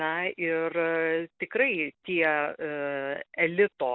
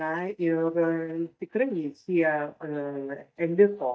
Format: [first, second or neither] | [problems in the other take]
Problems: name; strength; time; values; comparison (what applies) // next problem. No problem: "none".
first | noise reduction (neural mask model DeepFilterNet 3)